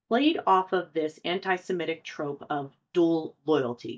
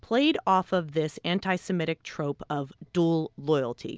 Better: second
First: noise reduction (neural mask model DeepFilterNet 3)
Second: none

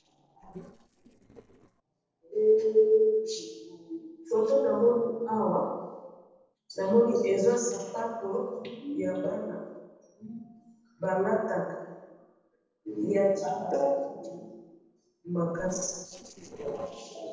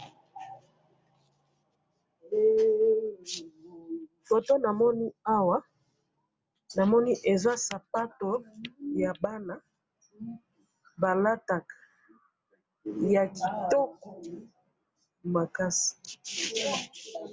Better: second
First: noise reduction (neural separator model SepFormer DNS4)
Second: none

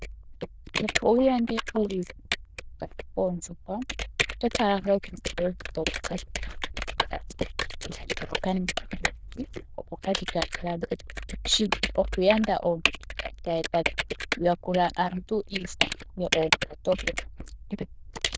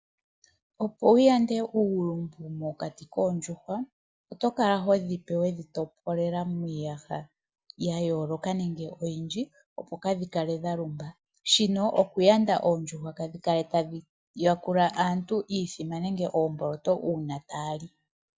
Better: second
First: noise reduction (neural diffusion model UNIVERSE++)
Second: none

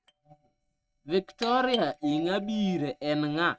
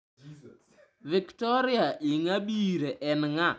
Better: second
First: noise reduction (neural mask model RNNoise)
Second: none

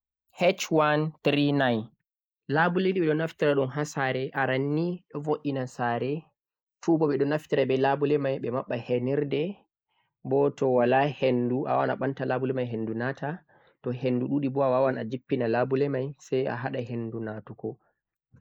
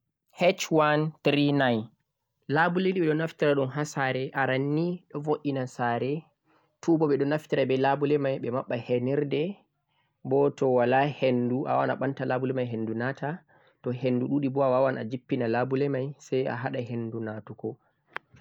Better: second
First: noise reduction (neural mask model Resemble Enhance denoiser)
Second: none

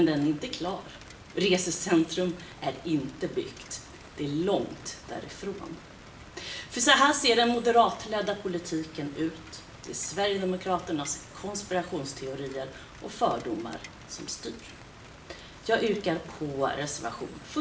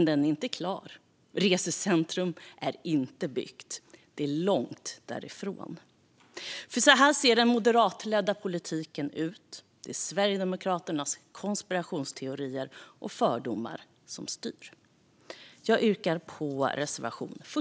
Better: second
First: background sound (Rain); 18 dB below the speech // room echo; dies away in 0.6 s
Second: none

